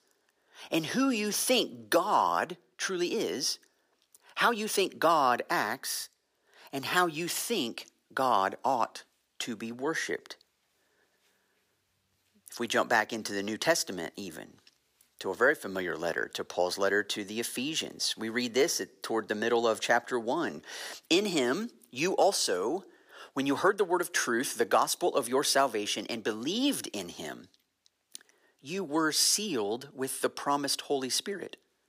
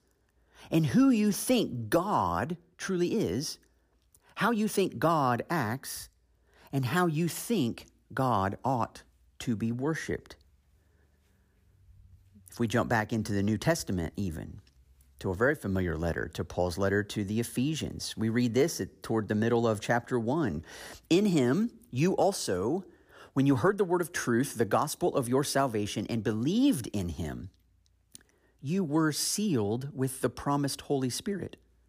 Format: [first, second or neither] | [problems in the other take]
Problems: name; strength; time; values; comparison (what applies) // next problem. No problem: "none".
second | thin; somewhat; fading below 400 Hz